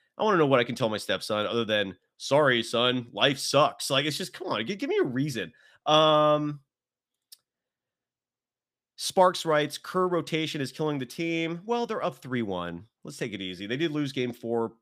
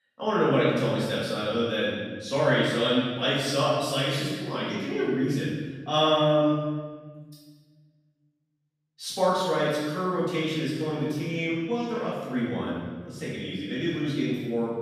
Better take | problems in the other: first | off-mic speech; far // room echo; strong; dies away in 1.5 s

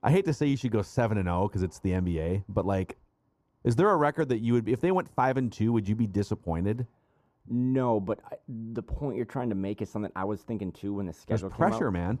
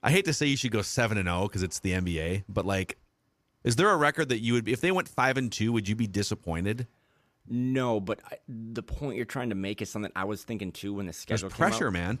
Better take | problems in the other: second | muffled; slightly; fading above 1.5 kHz

